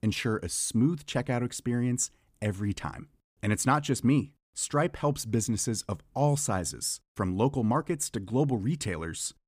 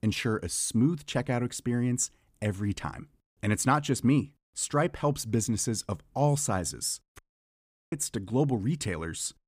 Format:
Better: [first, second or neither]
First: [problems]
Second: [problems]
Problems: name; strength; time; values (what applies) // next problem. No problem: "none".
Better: first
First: none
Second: audio cutting out; at 7 s for 0.5 s